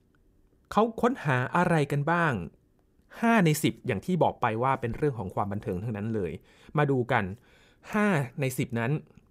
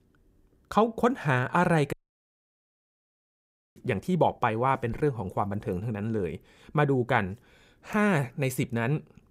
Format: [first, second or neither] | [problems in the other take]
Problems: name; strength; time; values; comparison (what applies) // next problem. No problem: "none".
first | audio cutting out; at 2 s for 2 s